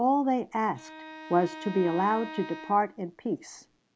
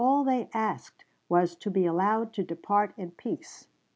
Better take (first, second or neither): second